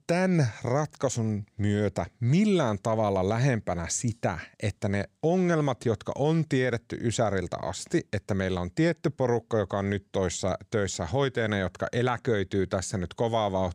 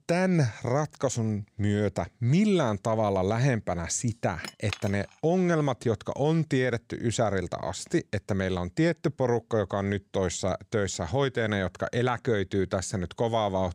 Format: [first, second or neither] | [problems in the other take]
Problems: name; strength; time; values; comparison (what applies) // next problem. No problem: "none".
first | clattering dishes; noticeable; at 4.5 s; peak 9 dB below the speech